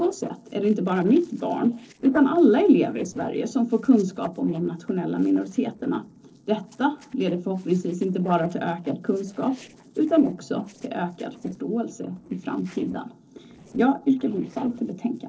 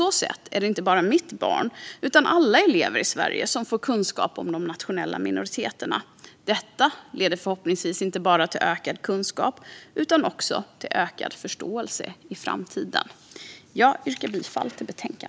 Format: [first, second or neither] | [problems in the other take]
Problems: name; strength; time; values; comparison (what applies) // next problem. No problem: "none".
second | noise reduction (neural separator model SepFormer DNS4)